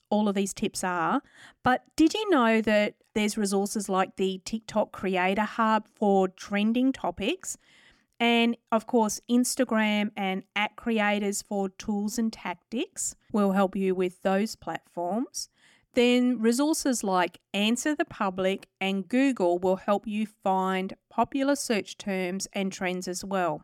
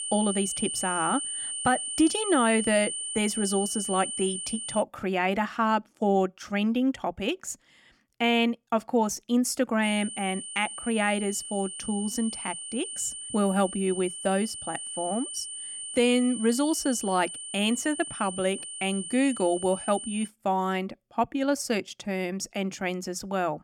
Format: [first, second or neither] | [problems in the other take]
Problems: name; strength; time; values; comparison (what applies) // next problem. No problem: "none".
first | high-pitched whine; loud; until 5 s and from 10 to 20 s; 9 kHz, 6 dB below the speech